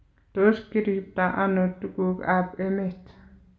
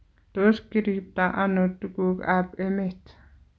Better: second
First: room echo; dies away in 1.3 s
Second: none

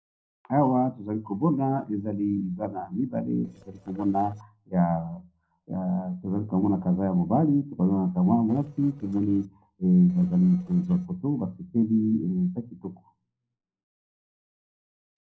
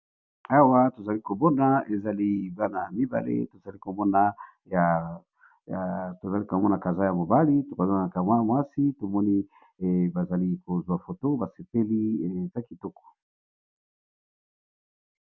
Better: second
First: noise reduction (neural separator model SepFormer DNS4)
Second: none

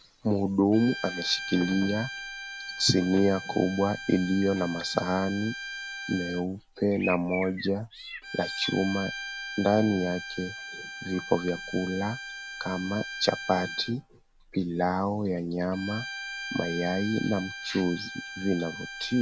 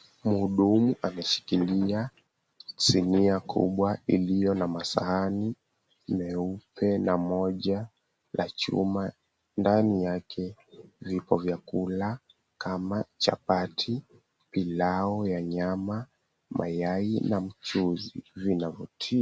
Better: second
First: background sound (Bowed string instrument + Bird); 10 dB below the speech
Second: none

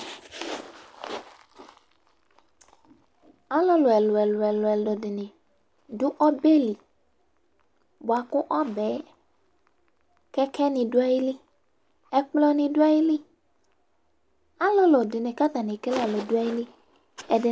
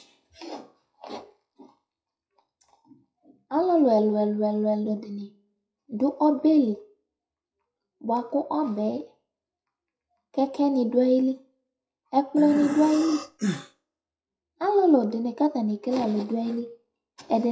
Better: first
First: none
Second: noise reduction (classical method WPE with log-MMSE)

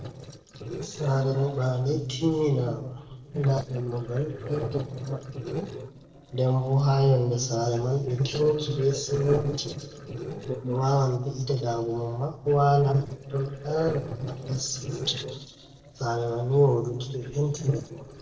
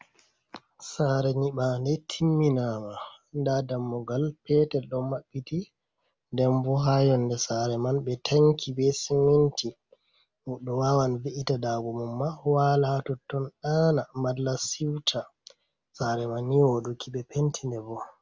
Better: second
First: noise reduction (neural separator model SepFormer DNS4)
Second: none

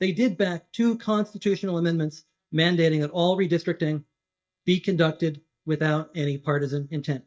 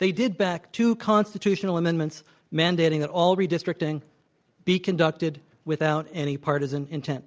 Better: second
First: noise reduction (neural mask model DeepFilterNet 3)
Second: none

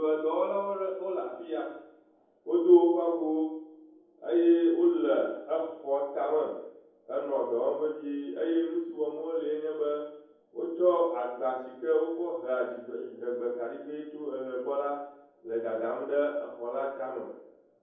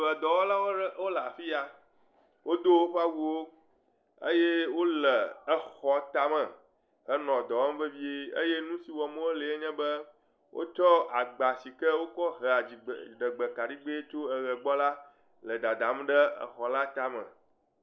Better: second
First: room echo; dies away in 0.9 s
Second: none

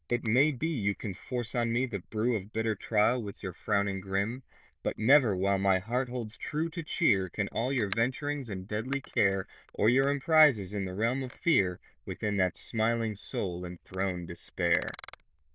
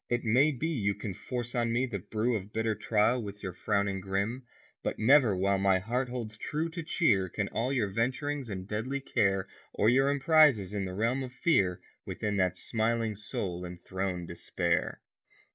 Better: second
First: noise reduction (neural diffusion model UNIVERSE++)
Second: none

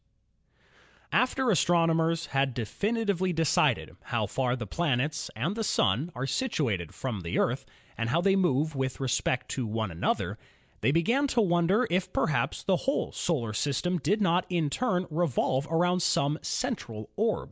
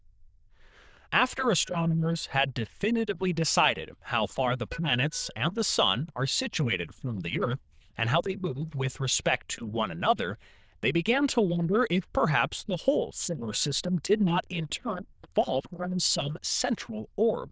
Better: first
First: none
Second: noise reduction (neural diffusion model UNIVERSE++)

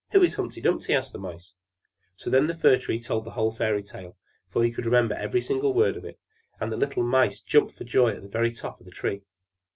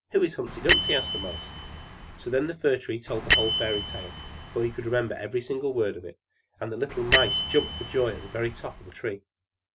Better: first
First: none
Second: background sound (Bell); as loud as the speech

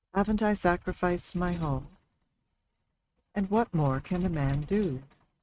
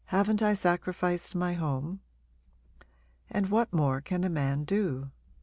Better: second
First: noise reduction (neural mask model RNNoise)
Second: none

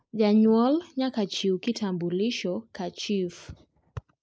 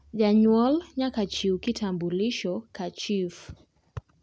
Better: second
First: noise reduction (neural mask model Resemble Enhance denoiser)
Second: none

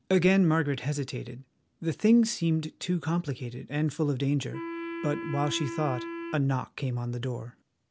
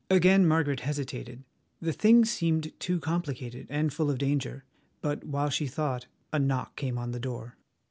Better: second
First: background sound (Wind instrument, woodwind instrument); 9 dB below the speech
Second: none

